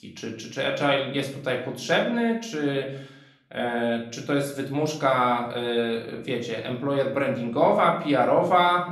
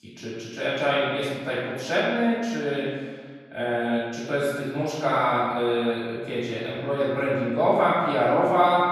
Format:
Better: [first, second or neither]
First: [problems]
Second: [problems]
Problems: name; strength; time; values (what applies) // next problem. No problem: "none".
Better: first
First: room echo; slight; dies away in 0.5 s // off-mic speech; somewhat distant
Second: room echo; strong; dies away in 1.5 s // off-mic speech; far